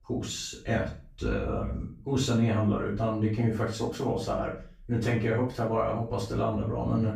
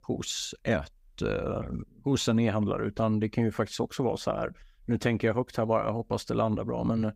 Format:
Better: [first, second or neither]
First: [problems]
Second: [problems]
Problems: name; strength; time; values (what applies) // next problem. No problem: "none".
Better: second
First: off-mic speech; far // room echo; noticeable; dies away in 0.3 s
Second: none